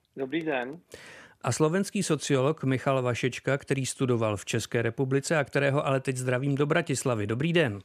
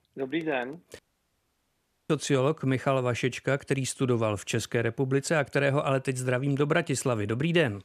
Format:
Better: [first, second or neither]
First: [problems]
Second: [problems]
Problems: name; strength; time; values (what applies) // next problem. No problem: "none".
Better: first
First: none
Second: audio cutting out; at 1 s for 1 s